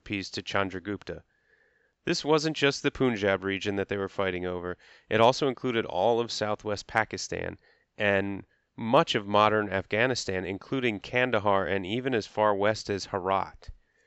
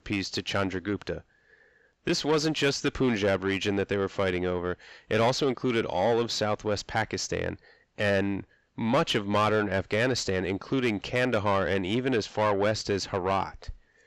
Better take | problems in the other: first | distortion; heavy; 7 dB below the speech

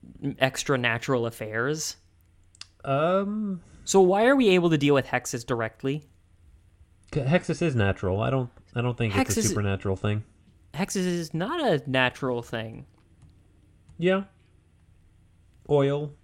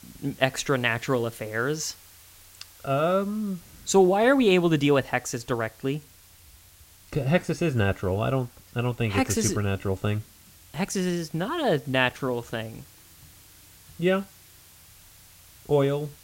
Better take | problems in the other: first | hiss; faint; throughout; 25 dB below the speech

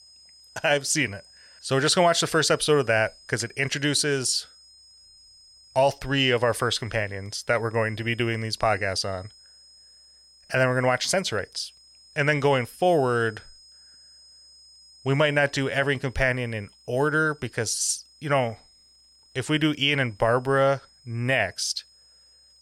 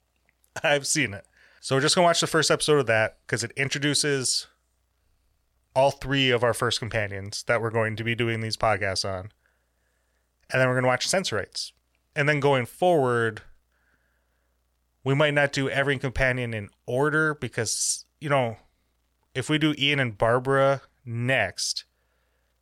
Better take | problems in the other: second | high-pitched whine; faint; throughout; 5 kHz, 25 dB below the speech

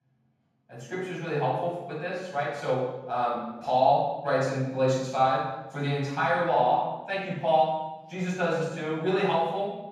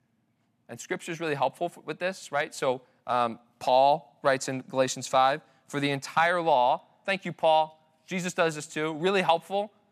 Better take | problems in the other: second | room echo; strong; dies away in 1.2 s // off-mic speech; far

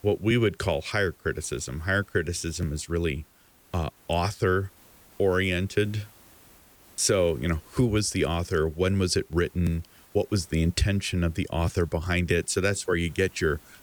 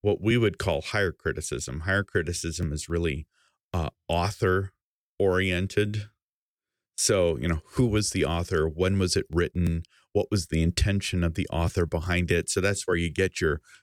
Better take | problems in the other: second | hiss; faint; throughout; 25 dB below the speech

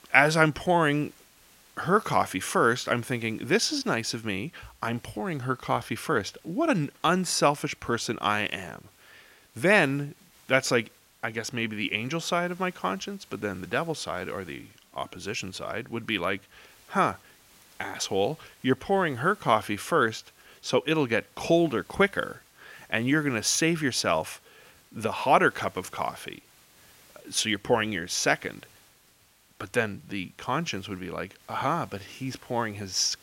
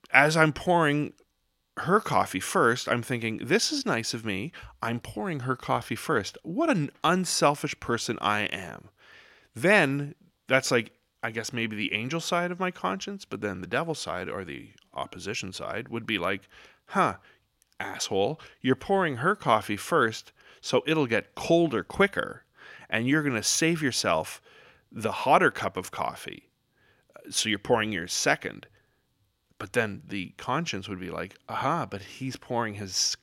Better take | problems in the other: second | hiss; faint; throughout; 30 dB below the speech

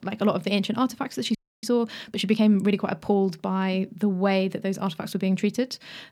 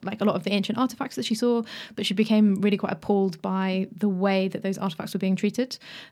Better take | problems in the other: second | audio freezing; at 1.5 s

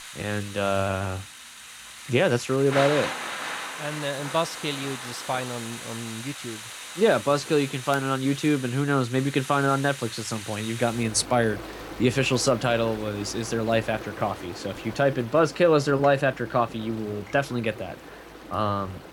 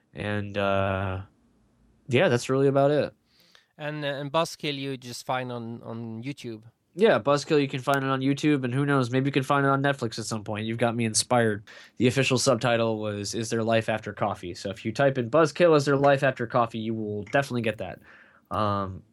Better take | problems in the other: second | rain or running water; noticeable; throughout; 10 dB below the speech

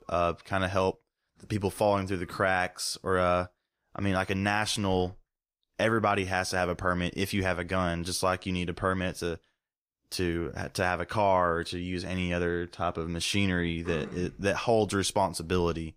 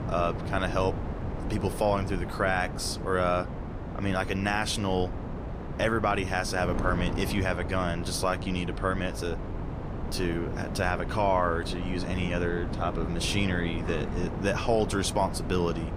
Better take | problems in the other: first | wind noise on the microphone; occasional gusts; 10 dB below the speech

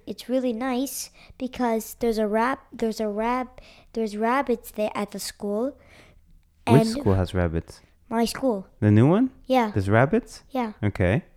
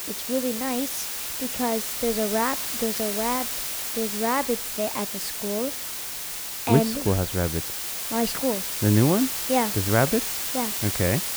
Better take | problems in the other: first | hiss; loud; throughout; 1 dB below the speech

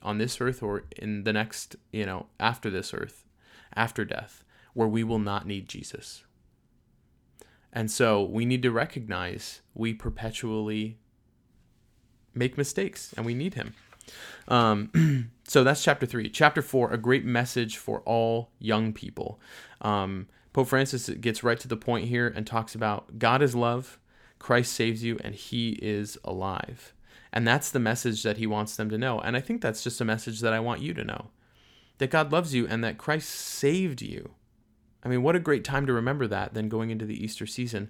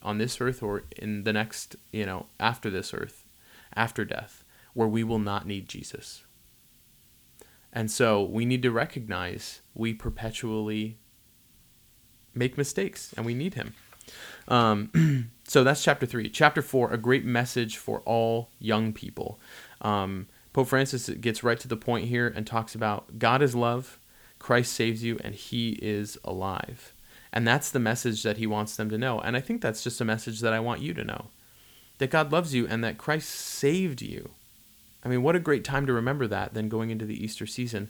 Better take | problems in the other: first | hiss; faint; throughout; 25 dB below the speech

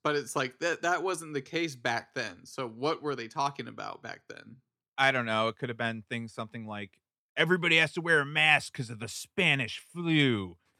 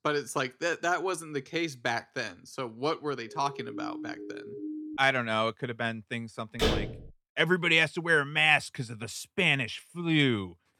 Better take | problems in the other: first | siren; faint; from 3.5 to 5 s; peak 10 dB below the speech // door banging; noticeable; at 6.5 s; peak level with the speech

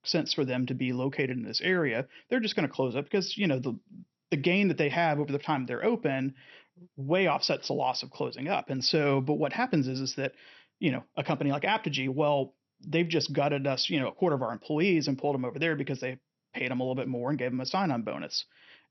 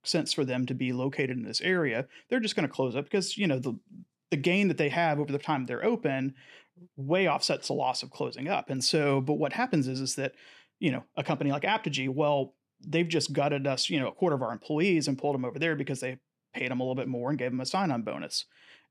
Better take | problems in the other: second | garbled, watery; slightly; nothing above 5.5 kHz

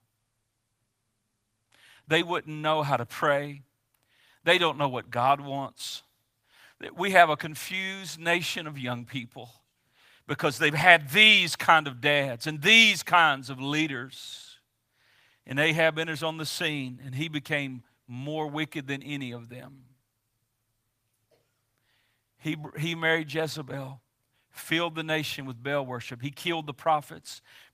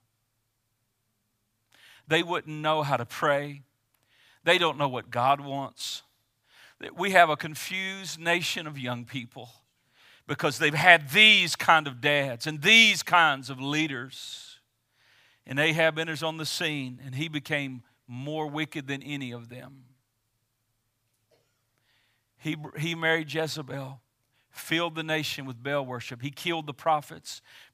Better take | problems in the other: second | garbled, watery; slightly; nothing above 15 kHz

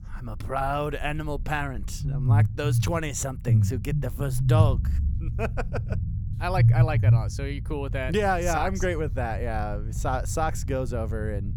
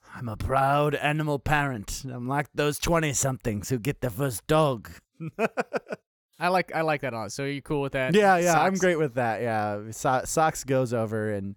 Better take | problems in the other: second | low rumble; noticeable; throughout; 10 dB below the speech

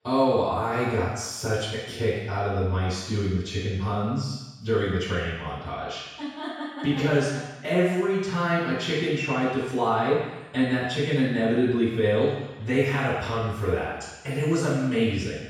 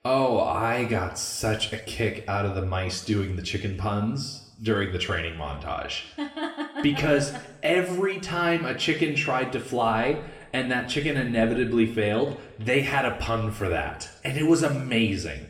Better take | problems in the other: second | room echo; strong; dies away in 1.1 s; slight in the second // off-mic speech; far; somewhat distant in the second

